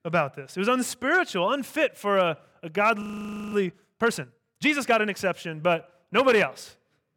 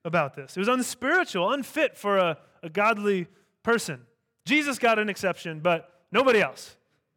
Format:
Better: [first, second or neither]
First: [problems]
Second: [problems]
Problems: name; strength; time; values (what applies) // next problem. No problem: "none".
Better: second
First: audio freezing; at 3 s for 0.5 s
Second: none